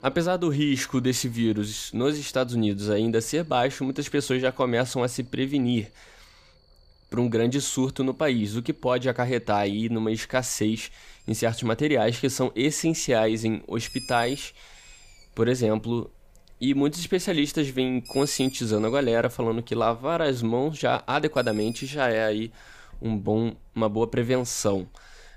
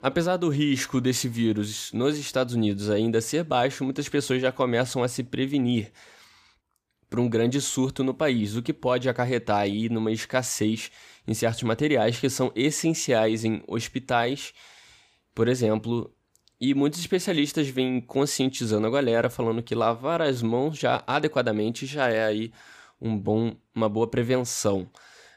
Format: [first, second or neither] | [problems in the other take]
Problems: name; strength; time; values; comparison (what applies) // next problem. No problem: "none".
second | animal sounds; faint; throughout; 20 dB below the speech